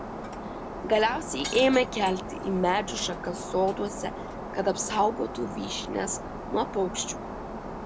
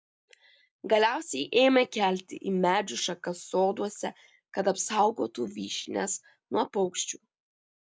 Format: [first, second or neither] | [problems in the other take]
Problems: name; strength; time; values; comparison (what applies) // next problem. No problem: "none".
second | background sound (Shatter); 8 dB below the speech